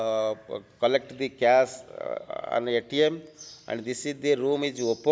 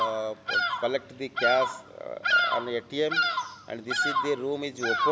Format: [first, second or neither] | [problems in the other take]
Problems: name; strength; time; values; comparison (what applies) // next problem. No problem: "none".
first | background sound (Bird vocalization, bird call, bird song); 2 dB above the speech